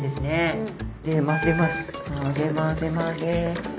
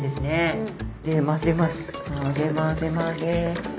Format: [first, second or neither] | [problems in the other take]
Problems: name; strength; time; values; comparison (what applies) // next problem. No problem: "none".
second | background sound (Wind instrument, woodwind instrument); 8 dB below the speech